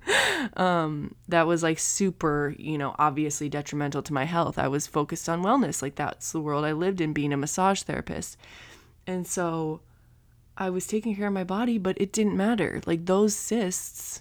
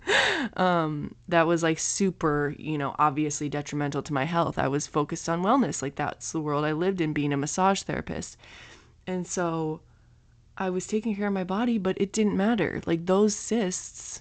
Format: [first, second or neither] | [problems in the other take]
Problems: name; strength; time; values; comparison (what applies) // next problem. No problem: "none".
first | garbled, watery; slightly; nothing above 8 kHz